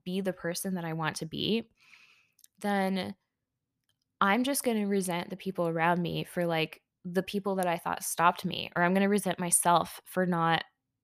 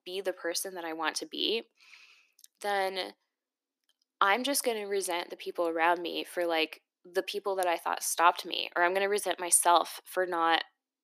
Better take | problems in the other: first | thin; very; fading below 300 Hz

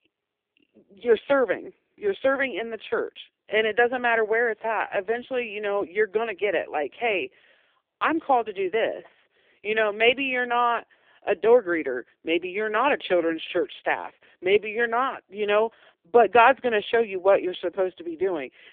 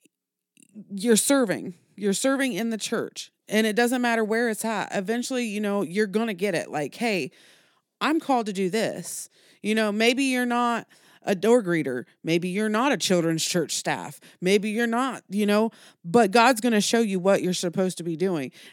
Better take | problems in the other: second | phone-call audio; poor line

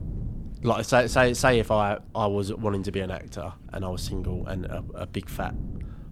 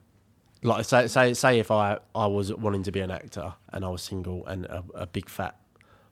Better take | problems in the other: second | wind noise on the microphone; occasional gusts; 25 dB below the speech

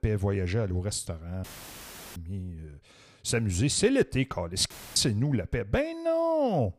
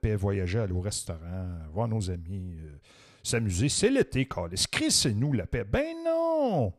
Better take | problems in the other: second | audio cutting out; filled with static; at 1.5 s for 0.5 s and at 4.5 s

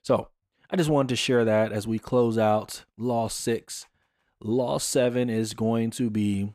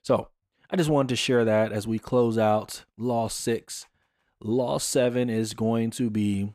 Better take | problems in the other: neither | none

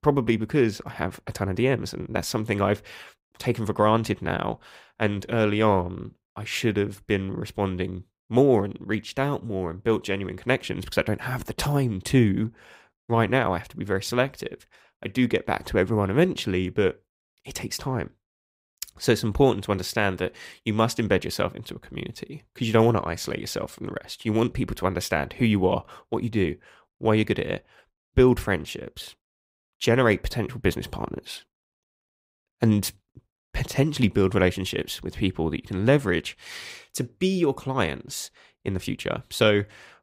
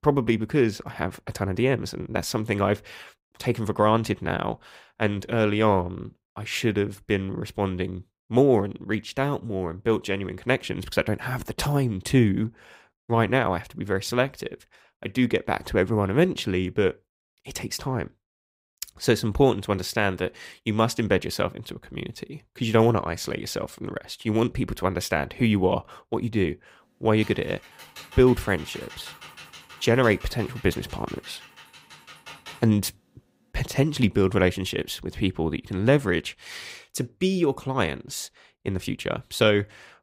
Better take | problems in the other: first | keyboard typing; faint; from 27 to 33 s; peak 15 dB below the speech

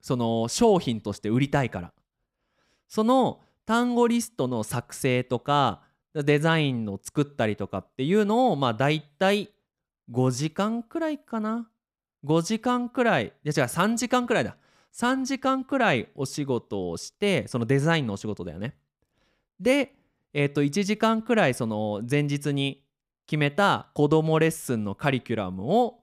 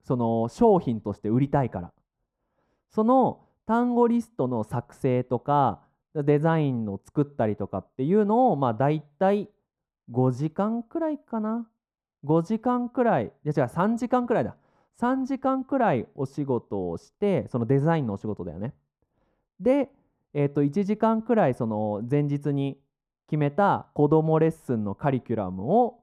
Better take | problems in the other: first | muffled; very; fading above 1.5 kHz

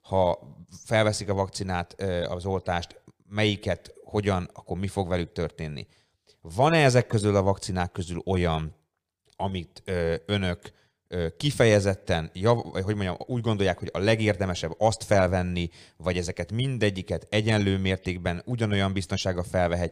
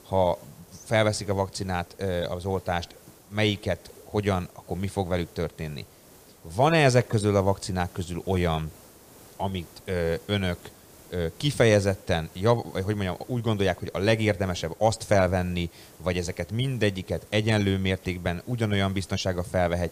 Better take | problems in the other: first | hiss; faint; throughout; 25 dB below the speech

